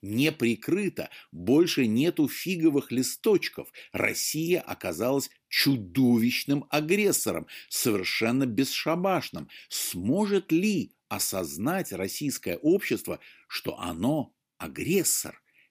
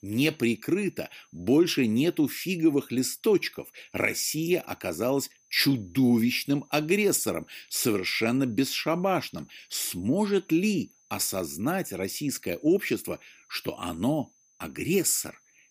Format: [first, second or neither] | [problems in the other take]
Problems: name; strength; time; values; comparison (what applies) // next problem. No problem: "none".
first | high-pitched whine; faint; throughout; 6 kHz, 35 dB below the speech